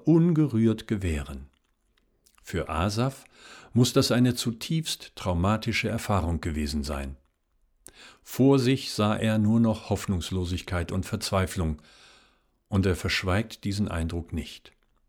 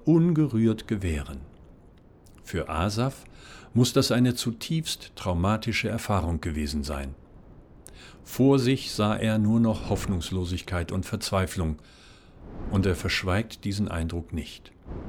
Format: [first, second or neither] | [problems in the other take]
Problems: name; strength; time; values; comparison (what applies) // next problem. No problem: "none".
first | wind noise on the microphone; occasional gusts; 25 dB below the speech